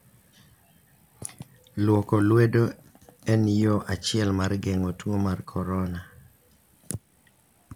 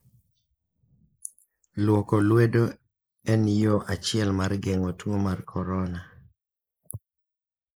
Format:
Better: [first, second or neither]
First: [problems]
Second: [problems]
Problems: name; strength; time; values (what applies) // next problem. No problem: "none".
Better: first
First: none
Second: noise reduction (neural mask model Resemble Enhance denoiser)